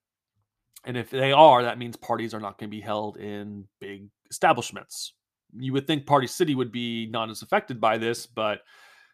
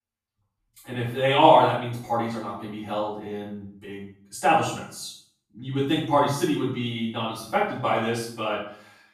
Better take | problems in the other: first | off-mic speech; far // room echo; noticeable; dies away in 0.5 s

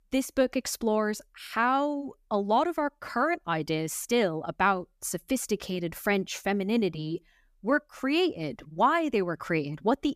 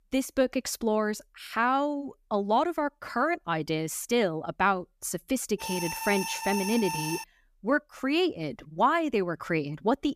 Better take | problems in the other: first | alarm; noticeable; from 5.5 to 7 s; peak 4 dB below the speech

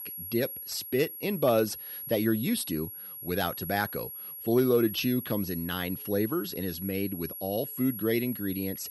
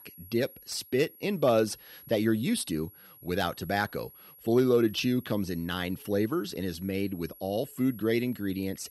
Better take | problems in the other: second | high-pitched whine; loud; throughout; 11.5 kHz, 8 dB below the speech; faint in the second

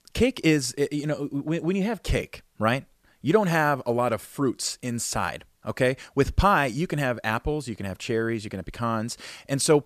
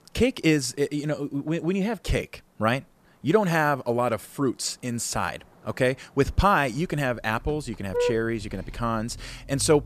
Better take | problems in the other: first | traffic noise; loud; throughout; 9 dB below the speech

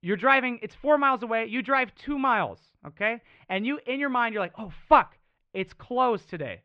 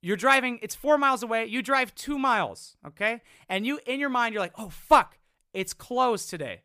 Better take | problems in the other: second | muffled; very; fading above 3 kHz

